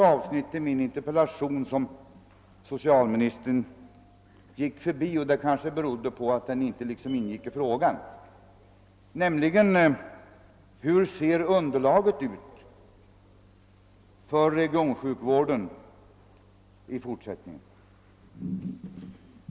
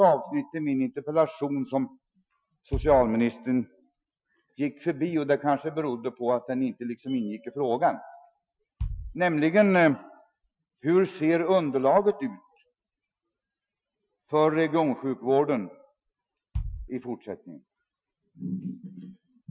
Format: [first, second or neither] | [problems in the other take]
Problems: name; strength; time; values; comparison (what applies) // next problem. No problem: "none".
first | noise reduction (classical method Wiener filter)